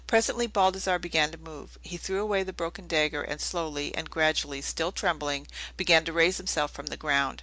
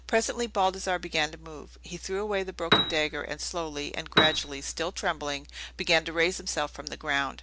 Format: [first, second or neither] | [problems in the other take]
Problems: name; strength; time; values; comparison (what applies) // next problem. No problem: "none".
first | background sound (Piano); 1 dB above the speech